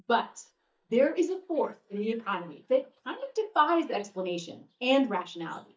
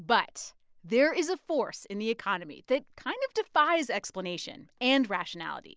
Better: second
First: noise reduction (neural mask model DeepFilterNet 3)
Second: none

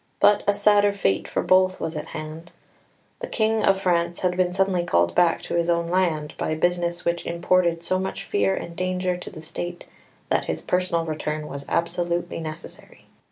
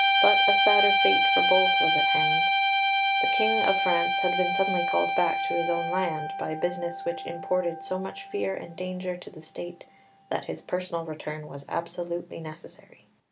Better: first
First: none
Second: background sound (Guitar); 4 dB above the speech

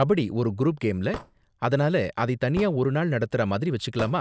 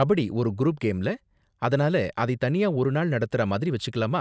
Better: second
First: background sound (Hammer / Wood); 19 dB below the speech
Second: none

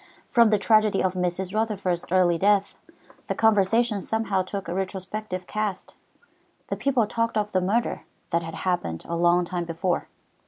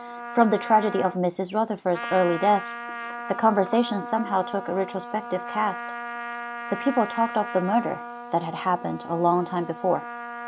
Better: first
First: none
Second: background sound (Trumpet); 10 dB below the speech

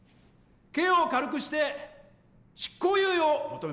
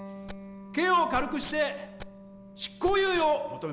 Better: first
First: none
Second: background sound (Electric guitar + Wild animals); 12 dB below the speech

